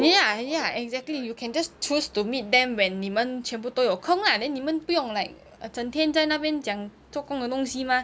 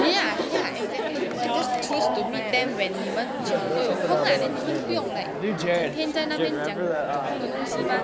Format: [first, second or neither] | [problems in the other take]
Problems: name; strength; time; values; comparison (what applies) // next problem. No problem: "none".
first | background sound (Chatter); 3 dB above the speech